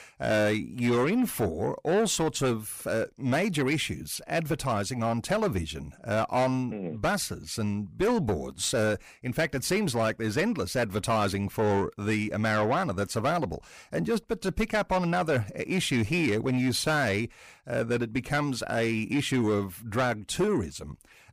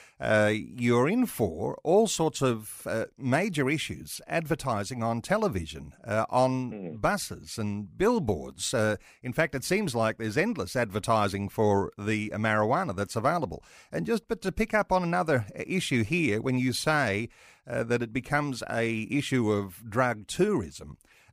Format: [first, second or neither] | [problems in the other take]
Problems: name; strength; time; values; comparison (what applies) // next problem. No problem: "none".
second | distortion; slight; 10 dB below the speech